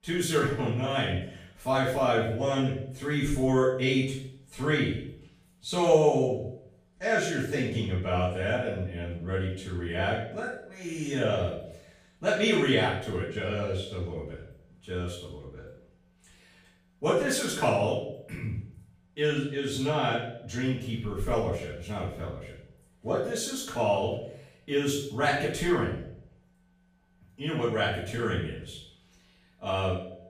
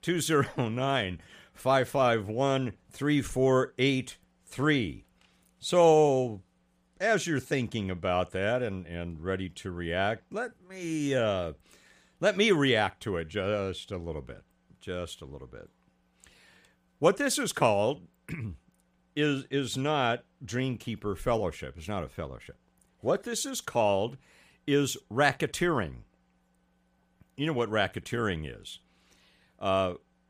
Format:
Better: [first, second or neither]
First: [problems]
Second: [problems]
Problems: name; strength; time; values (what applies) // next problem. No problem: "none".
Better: second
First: room echo; noticeable; dies away in 0.6 s // off-mic speech; far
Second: none